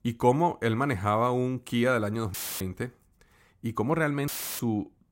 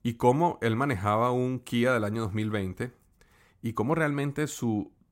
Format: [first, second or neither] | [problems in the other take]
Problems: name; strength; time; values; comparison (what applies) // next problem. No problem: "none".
second | audio cutting out; filled with static; at 2.5 s and at 4.5 s